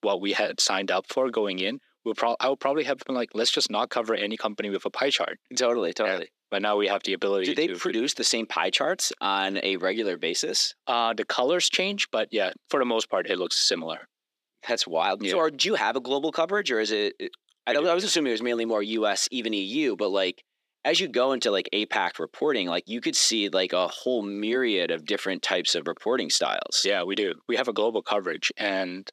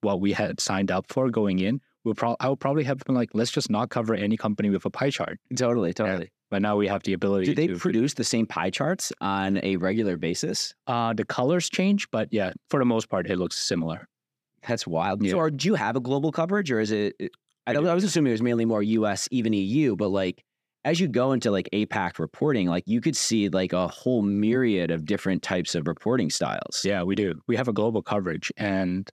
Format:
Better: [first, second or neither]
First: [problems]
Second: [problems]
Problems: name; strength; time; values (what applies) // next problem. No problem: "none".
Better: second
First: thin; somewhat; fading below 350 Hz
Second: none